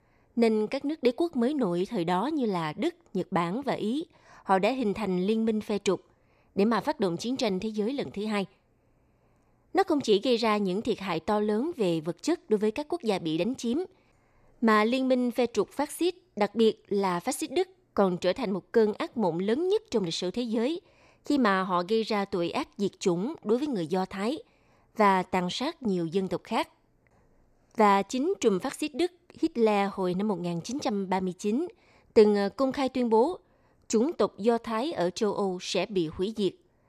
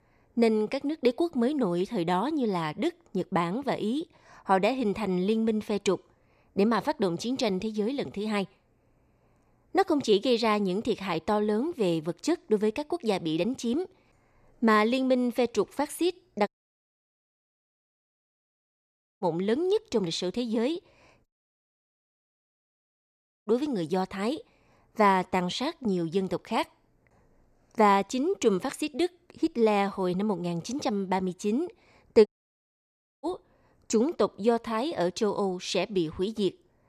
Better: first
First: none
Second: audio cutting out; at 16 s for 2.5 s, at 21 s for 2 s and at 32 s for 1 s

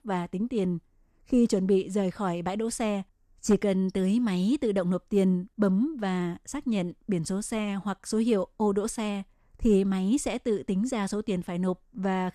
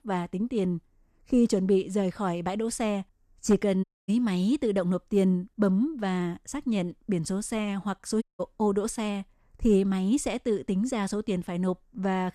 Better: first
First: none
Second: audio cutting out; at 4 s and at 8 s

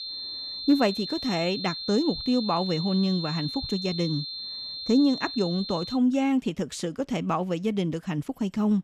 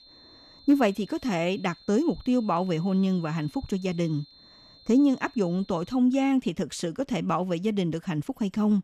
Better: second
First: high-pitched whine; loud; until 6 s; 4 kHz, 6 dB below the speech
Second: high-pitched whine; faint; until 6 s; 4 kHz, 25 dB below the speech

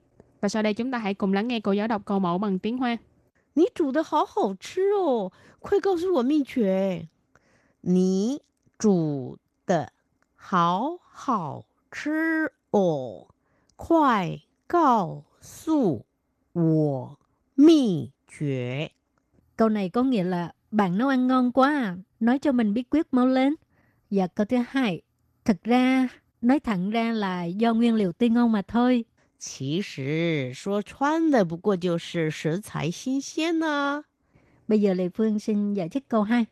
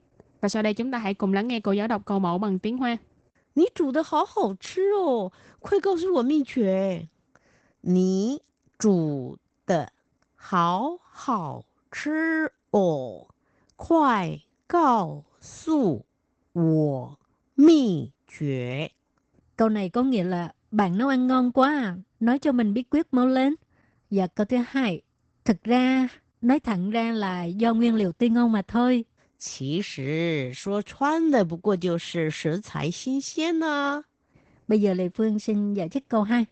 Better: first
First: garbled, watery; slightly; nothing above 13.5 kHz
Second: garbled, watery; badly; nothing above 8 kHz

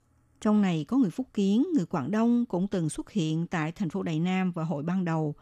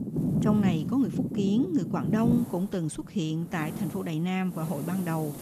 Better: first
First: none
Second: wind noise on the microphone; heavy; 5 dB below the speech

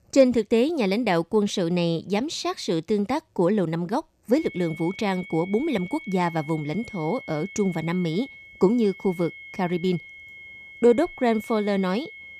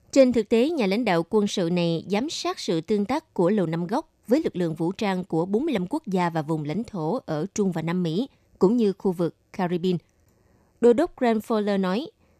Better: second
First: high-pitched whine; noticeable; from 4.5 s on; 2 kHz, 15 dB below the speech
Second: none

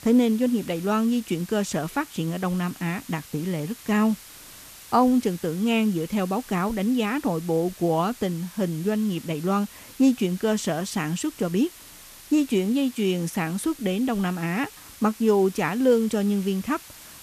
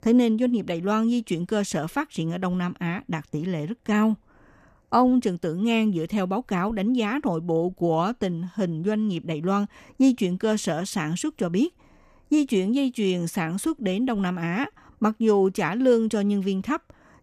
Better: second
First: hiss; noticeable; throughout; 20 dB below the speech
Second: none

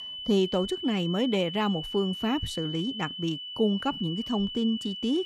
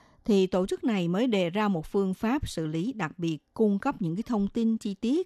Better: second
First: high-pitched whine; loud; throughout; 3 kHz, 7 dB below the speech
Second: none

